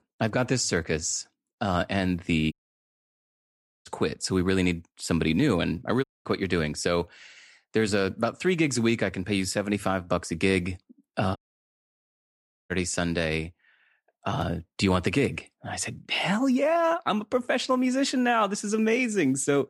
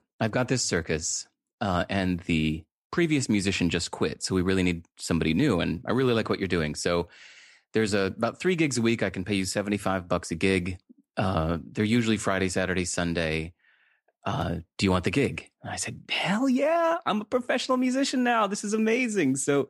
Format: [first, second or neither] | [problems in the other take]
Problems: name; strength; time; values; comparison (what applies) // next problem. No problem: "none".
second | audio cutting out; at 2.5 s for 1.5 s, at 6 s and at 11 s for 1.5 s